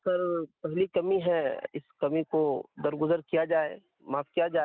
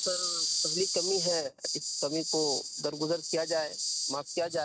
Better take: first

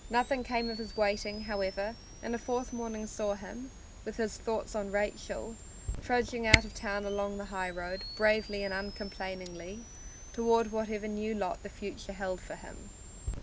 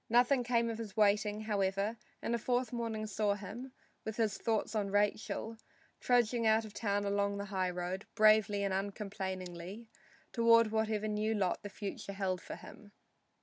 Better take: second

